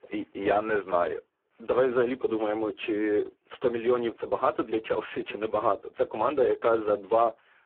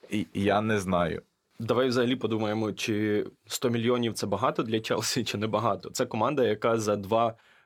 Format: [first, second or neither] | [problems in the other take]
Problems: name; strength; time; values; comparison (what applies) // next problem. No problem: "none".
second | phone-call audio; poor line